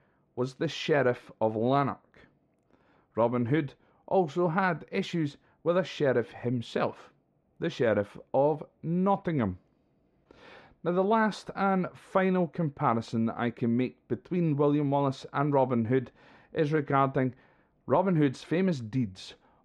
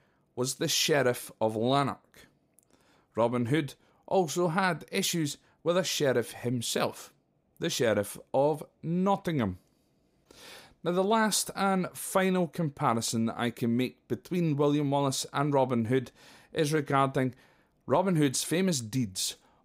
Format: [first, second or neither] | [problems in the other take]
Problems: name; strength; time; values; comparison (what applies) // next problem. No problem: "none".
second | muffled; very; fading above 2 kHz